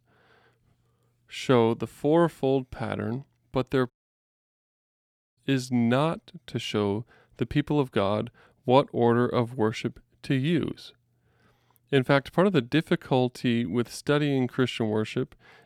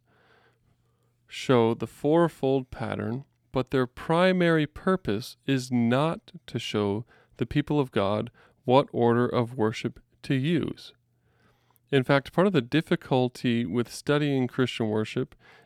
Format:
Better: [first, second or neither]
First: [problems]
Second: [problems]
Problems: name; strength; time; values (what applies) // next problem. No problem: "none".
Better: second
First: audio cutting out; at 4 s for 1.5 s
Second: none